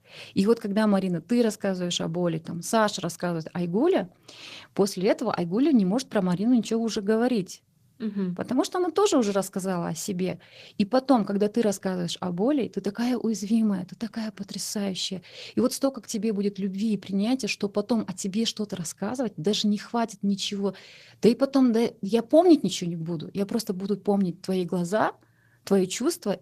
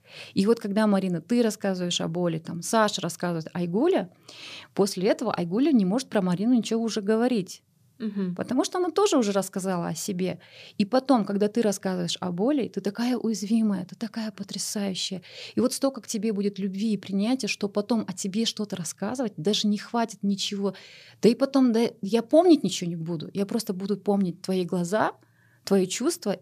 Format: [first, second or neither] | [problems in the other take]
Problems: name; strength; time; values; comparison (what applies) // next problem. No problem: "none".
second | garbled, watery; slightly; nothing above 14.5 kHz